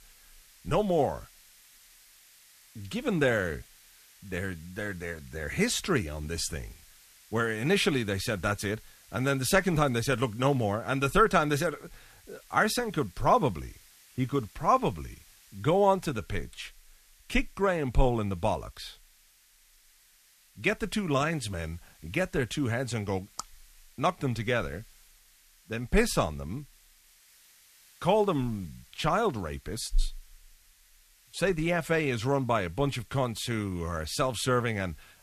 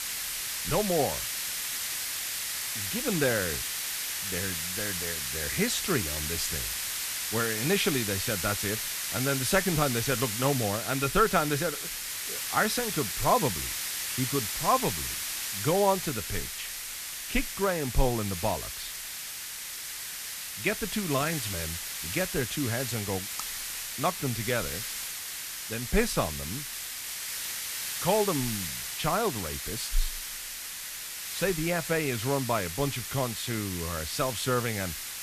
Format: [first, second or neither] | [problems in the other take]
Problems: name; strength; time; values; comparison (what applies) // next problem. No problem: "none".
first | hiss; loud; throughout; 2 dB below the speech; faint in the first